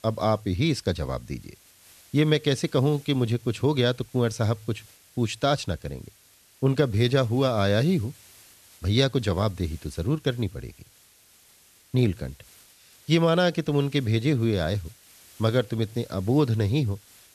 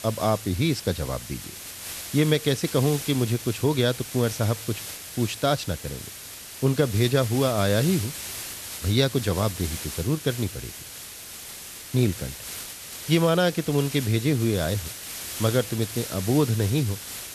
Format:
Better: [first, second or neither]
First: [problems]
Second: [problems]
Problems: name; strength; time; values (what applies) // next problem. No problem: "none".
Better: first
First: hiss; faint; throughout; 25 dB below the speech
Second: hiss; loud; throughout; 10 dB below the speech